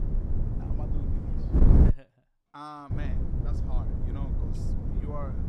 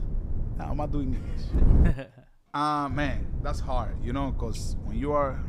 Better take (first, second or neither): second